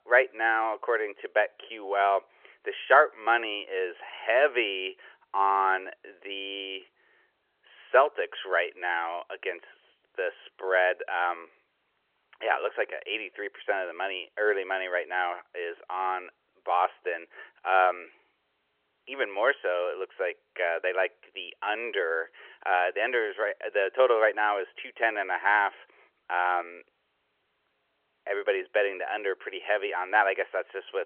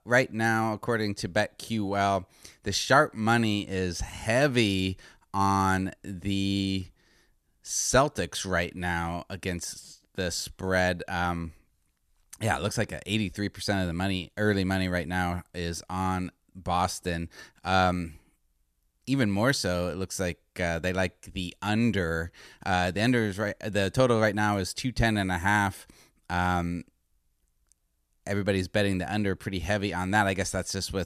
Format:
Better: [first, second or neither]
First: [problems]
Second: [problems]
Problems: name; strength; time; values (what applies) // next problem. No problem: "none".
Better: second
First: phone-call audio; nothing above 3 kHz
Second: none